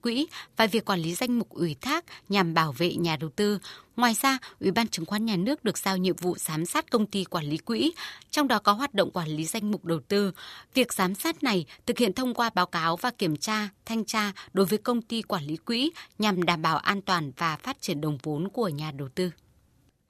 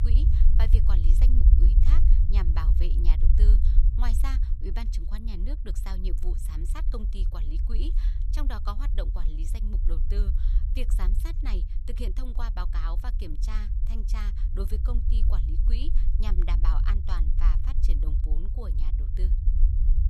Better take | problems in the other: first | low rumble; loud; throughout; 5 dB below the speech

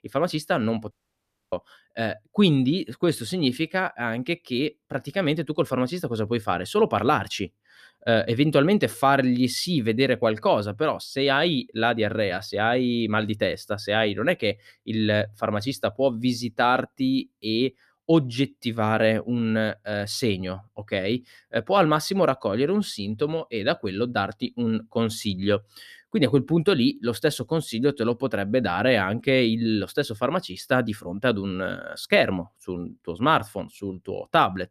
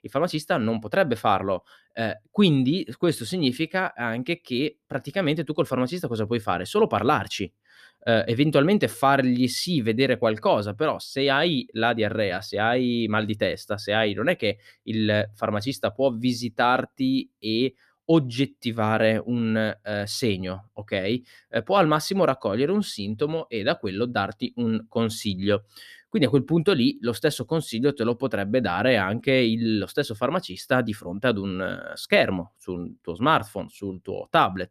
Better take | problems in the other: second | audio cutting out; at 1 s for 0.5 s

